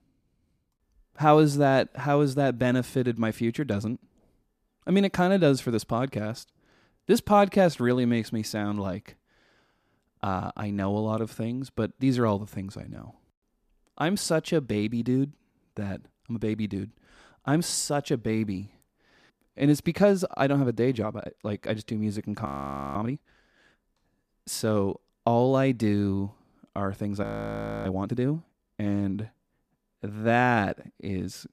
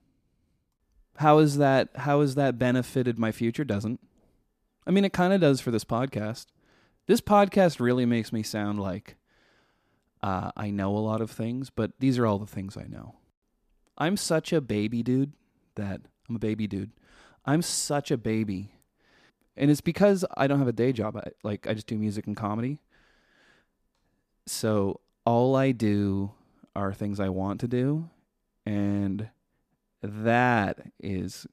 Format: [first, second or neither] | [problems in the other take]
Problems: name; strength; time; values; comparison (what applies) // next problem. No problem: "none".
second | audio freezing; at 22 s and at 27 s for 0.5 s